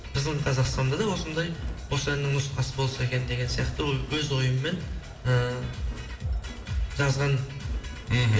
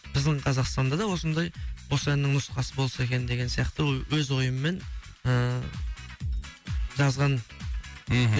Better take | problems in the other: second | background sound (Crowd); 18 dB below the speech // room echo; dies away in 1.6 s

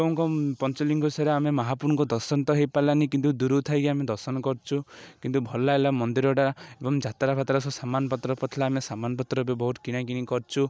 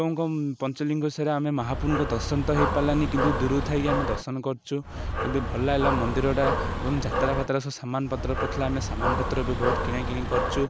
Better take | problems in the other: first | background sound (Dog); 1 dB below the speech

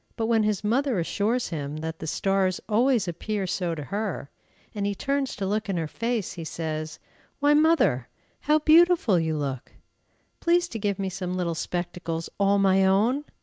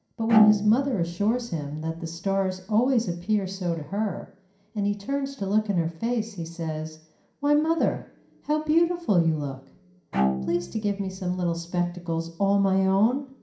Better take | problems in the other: first | background sound (Bowed string instrument); 8 dB below the speech // room echo; dies away in 0.5 s

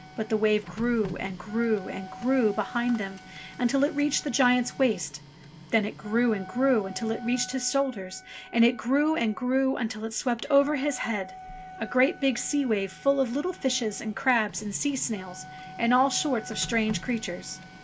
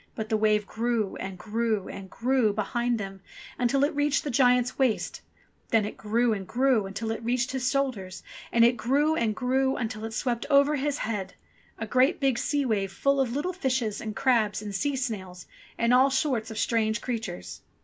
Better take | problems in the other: second | background sound (Wind instrument, woodwind instrument + Printer); 17 dB below the speech

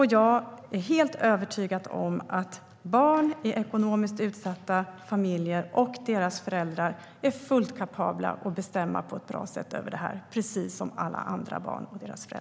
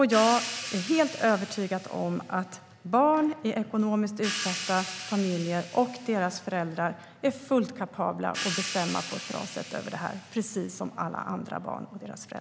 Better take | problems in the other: first | background sound (Crash cymbal / Hi-hat); 11 dB below the speech

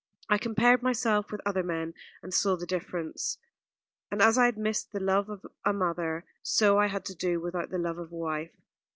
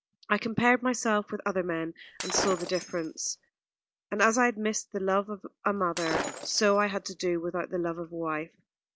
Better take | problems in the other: first | background sound (Shatter); 7 dB below the speech

